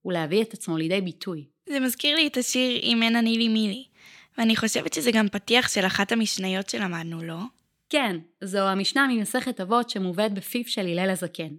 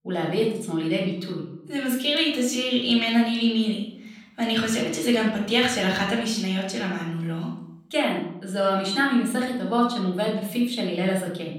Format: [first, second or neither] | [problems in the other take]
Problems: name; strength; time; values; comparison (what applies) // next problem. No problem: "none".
first | off-mic speech; far // room echo; noticeable; dies away in 0.7 s